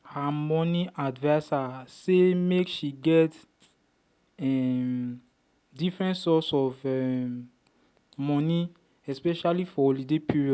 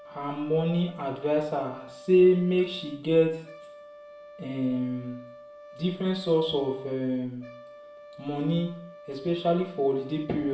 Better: first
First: none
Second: background sound (Brass instrument); 19 dB below the speech // room echo; dies away in 0.5 s

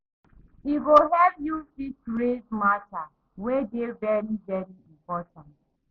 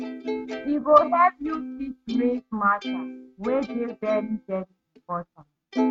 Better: first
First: none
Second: noise reduction (neural mask model RNNoise)

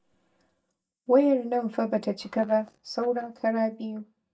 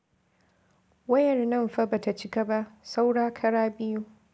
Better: second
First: noise reduction (neural mask model DeepFilterNet 3)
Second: none

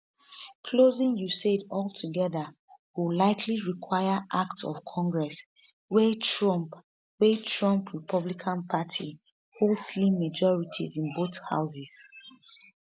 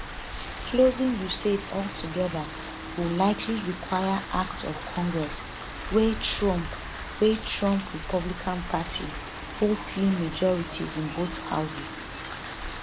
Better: first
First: none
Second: background sound (Rain); 8 dB below the speech

